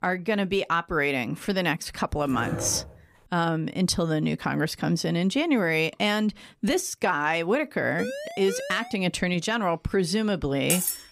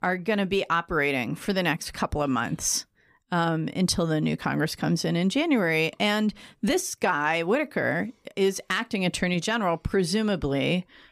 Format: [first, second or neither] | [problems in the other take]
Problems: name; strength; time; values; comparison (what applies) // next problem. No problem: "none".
second | dog barking; noticeable; at 2.5 s; peak 7 dB below the speech // siren; noticeable; at 8 s; peak 8 dB below the speech // clattering dishes; loud; at 11 s; peak 1 dB above the speech